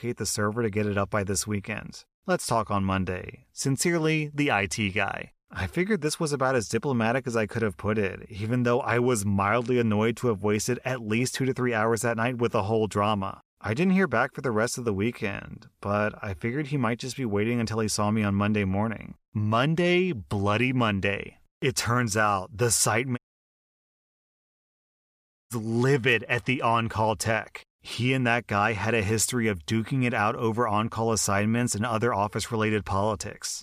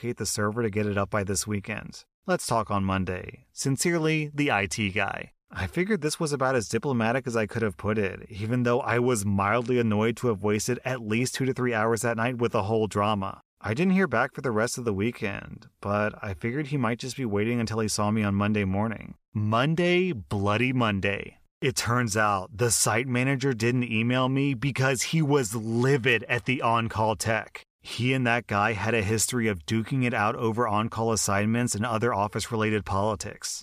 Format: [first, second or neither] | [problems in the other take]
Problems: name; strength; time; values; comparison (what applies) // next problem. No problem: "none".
second | audio cutting out; at 23 s for 2.5 s